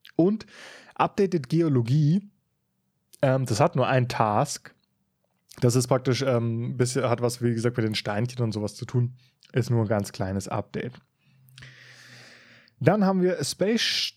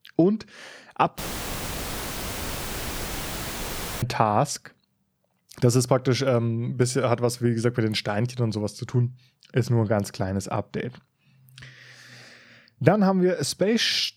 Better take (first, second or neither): first